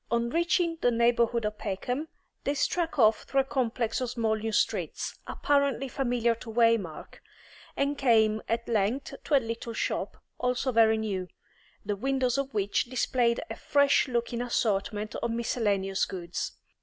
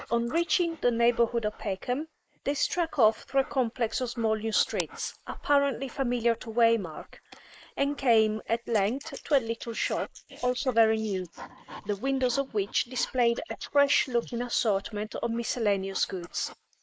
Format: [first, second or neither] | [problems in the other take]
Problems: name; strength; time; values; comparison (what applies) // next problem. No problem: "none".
first | noise reduction (neural mask model Resemble Enhance denoiser)